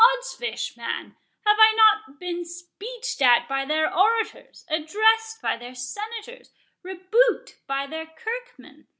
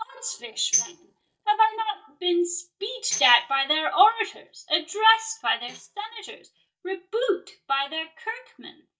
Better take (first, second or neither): first